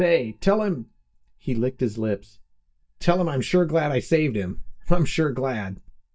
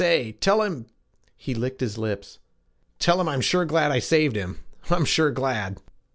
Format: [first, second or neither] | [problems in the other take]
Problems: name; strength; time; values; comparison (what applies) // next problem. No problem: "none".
second | noise reduction (neural mask model DeepFilterNet 3)